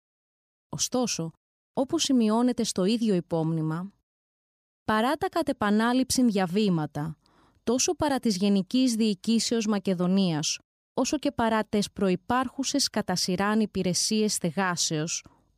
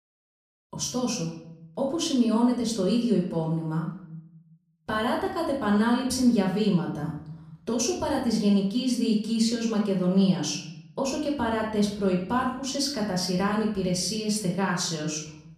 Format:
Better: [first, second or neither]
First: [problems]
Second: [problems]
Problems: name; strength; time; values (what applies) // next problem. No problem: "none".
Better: first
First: none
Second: off-mic speech; far // room echo; noticeable; dies away in 0.7 s